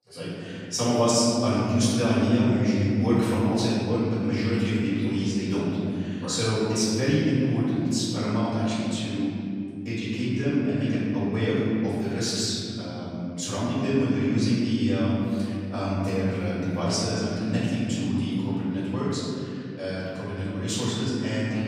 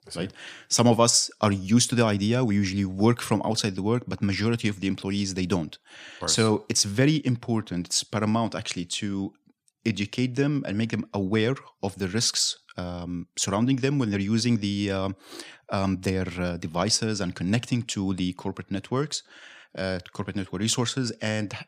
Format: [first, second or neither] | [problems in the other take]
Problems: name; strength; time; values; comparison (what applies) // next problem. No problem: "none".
second | room echo; strong; dies away in 2.8 s // off-mic speech; far